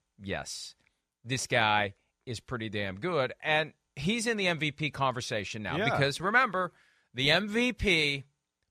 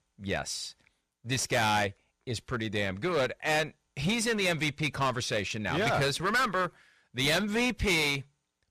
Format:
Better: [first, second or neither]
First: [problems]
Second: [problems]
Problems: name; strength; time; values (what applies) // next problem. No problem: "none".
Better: first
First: none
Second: distortion; heavy; 11% of the sound clipped